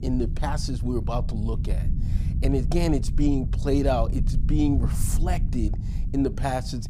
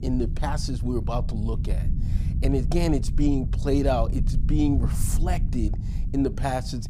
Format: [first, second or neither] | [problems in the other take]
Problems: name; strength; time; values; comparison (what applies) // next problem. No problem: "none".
neither | low rumble; noticeable; throughout; 15 dB below the speech; the same in both